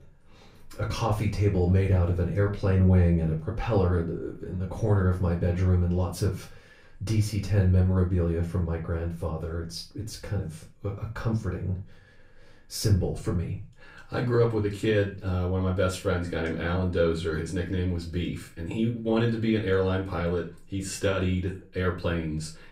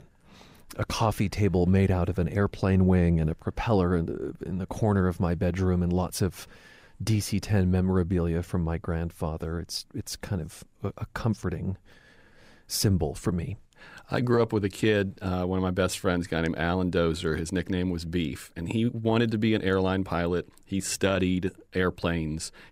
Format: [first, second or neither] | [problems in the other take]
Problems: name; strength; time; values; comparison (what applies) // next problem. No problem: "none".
second | off-mic speech; far // room echo; slight; dies away in 0.3 s